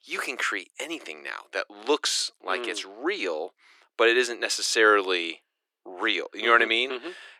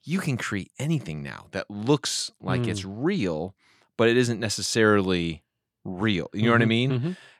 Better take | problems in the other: second | thin; very; fading below 350 Hz

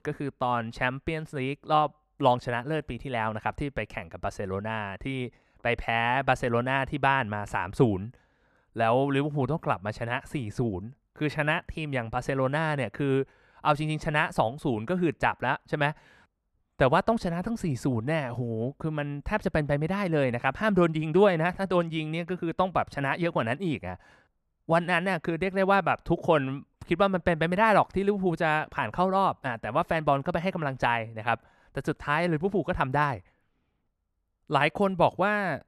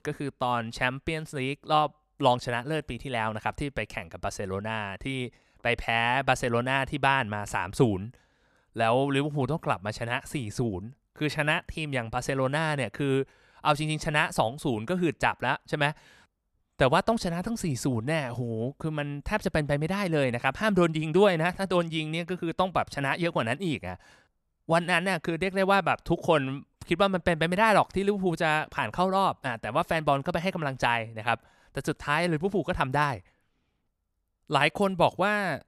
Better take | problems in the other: second | muffled; very slightly; fading above 3 kHz

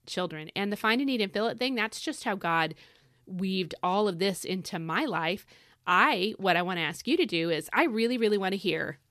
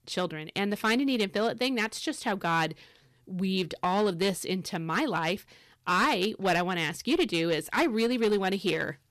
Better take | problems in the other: first | distortion; slight; 5% of the sound clipped

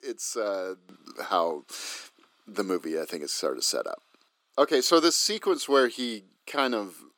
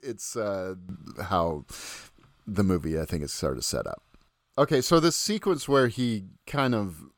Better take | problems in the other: second | thin; somewhat; fading below 300 Hz

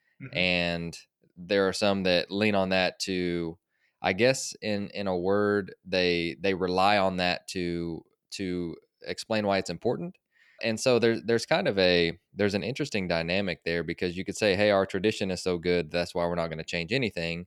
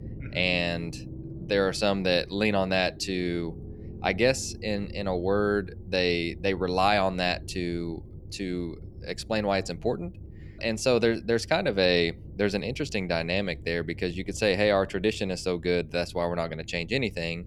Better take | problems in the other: first | low rumble; faint; throughout; 25 dB below the speech

